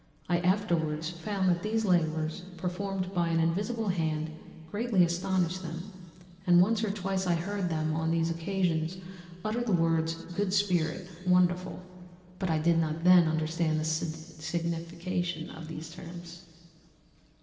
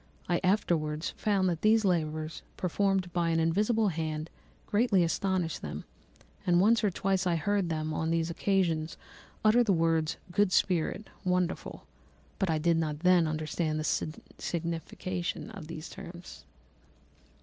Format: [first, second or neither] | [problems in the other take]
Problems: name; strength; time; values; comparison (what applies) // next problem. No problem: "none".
second | room echo; dies away in 2.3 s